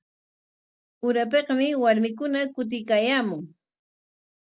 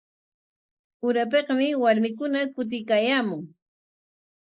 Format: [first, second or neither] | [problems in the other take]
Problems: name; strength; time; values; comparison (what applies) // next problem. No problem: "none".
first | noise reduction (neural mask model Resemble Enhance denoiser)